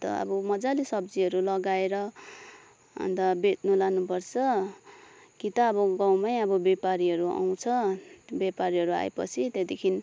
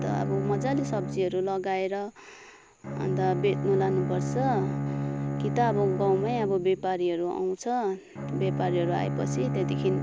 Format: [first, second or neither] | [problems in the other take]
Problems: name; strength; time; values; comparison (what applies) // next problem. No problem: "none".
first | background sound (Bowed string instrument); 3 dB below the speech